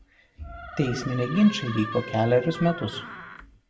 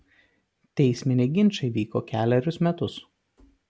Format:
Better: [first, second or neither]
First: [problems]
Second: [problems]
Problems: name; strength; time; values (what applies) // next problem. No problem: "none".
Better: second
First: background sound (Door); 13 dB below the speech // room echo; dies away in 0.6 s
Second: none